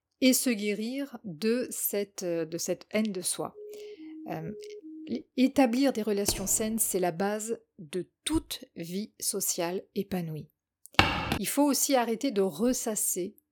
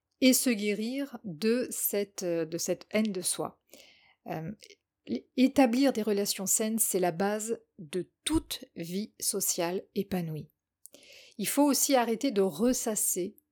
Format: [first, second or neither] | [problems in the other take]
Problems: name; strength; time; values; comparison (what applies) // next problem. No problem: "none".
second | siren; faint; from 3.5 to 5 s; peak 15 dB below the speech // keyboard typing; noticeable; at 6.5 s; peak 5 dB below the speech // footsteps; loud; at 11 s; peak 5 dB above the speech